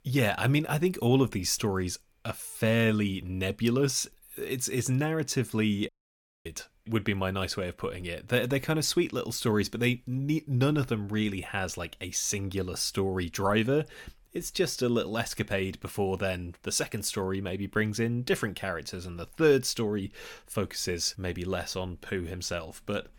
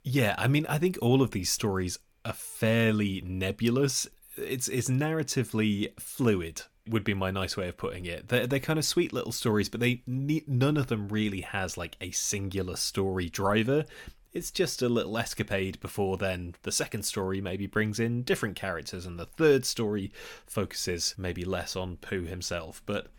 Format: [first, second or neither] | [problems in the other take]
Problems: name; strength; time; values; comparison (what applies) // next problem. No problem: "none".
second | audio cutting out; at 6 s for 0.5 s